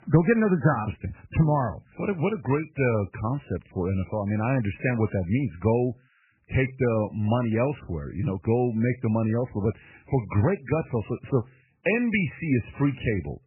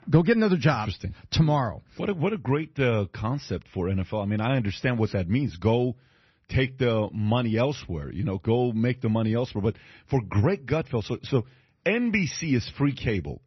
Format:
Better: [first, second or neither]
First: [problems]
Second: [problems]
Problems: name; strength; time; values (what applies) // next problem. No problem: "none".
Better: second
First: garbled, watery; badly; nothing above 2.5 kHz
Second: garbled, watery; slightly; nothing above 6 kHz